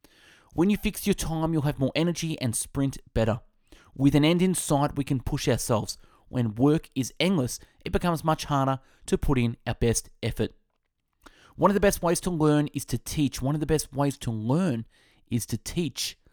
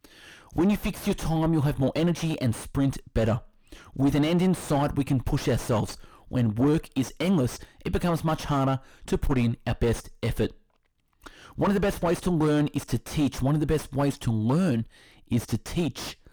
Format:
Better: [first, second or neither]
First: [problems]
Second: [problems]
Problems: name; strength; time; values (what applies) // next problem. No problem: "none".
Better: first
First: none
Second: distortion; heavy; 6 dB below the speech